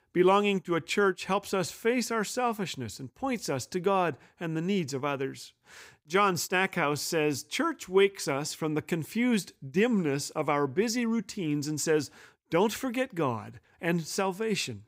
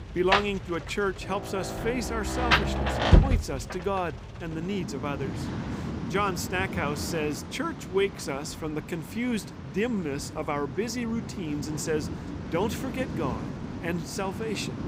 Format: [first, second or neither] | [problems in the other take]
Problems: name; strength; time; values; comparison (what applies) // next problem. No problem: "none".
first | rain or running water; loud; throughout; 1 dB below the speech